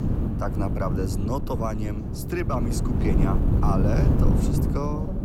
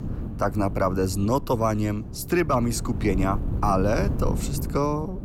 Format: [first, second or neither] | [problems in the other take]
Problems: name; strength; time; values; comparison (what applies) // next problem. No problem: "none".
second | wind noise on the microphone; heavy; 2 dB below the speech; occasional gusts in the second